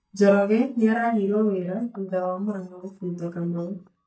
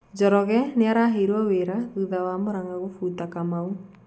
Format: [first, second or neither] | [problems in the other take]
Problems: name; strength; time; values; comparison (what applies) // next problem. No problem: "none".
second | noise reduction (neural mask model DeepFilterNet 3)